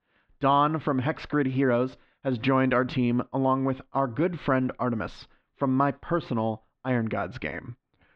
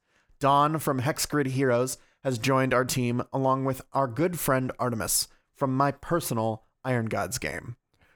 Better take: second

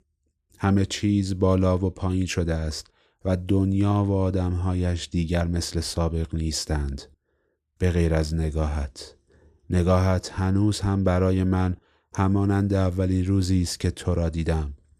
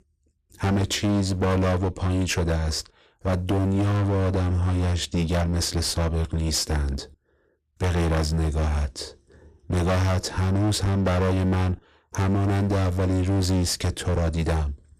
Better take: first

